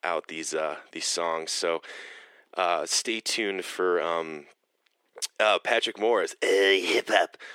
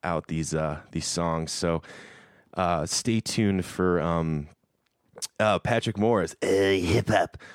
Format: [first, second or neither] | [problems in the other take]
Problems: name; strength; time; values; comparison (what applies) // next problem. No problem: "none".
second | thin; very; fading below 350 Hz